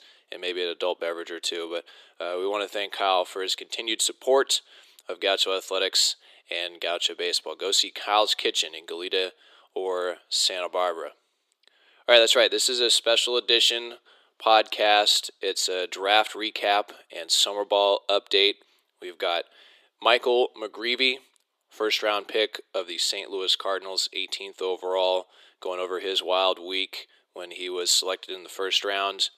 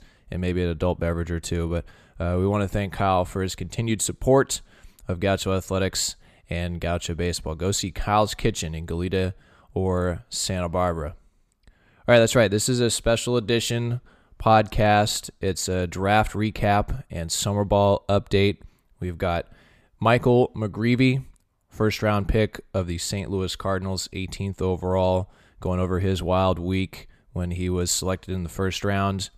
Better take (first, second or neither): second